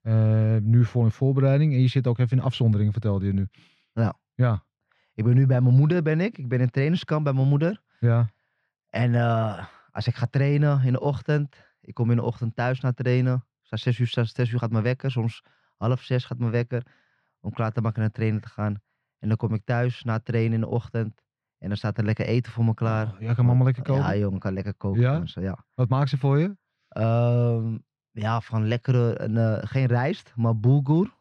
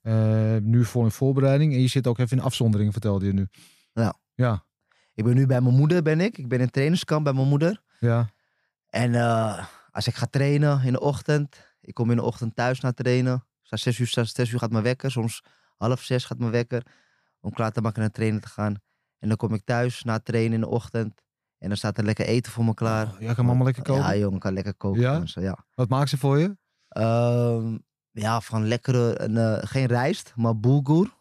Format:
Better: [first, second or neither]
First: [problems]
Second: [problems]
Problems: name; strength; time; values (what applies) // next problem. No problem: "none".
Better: second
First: muffled; very slightly; fading above 3 kHz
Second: none